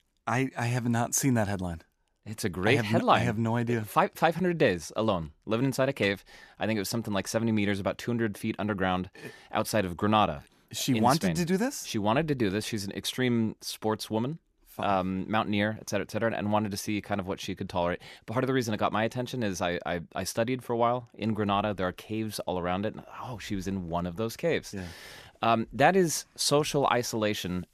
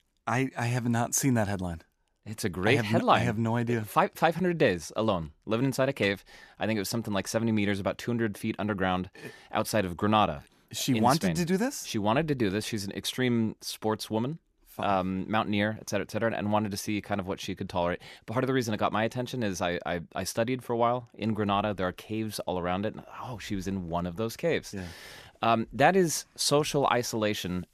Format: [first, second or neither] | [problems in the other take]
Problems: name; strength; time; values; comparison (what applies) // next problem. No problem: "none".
neither | none